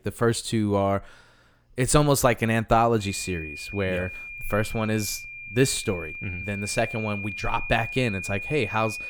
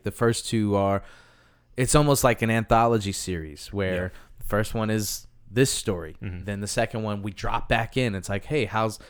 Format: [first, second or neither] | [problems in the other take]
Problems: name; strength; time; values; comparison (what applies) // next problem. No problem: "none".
second | high-pitched whine; loud; from 3 s on; 2.5 kHz, 9 dB below the speech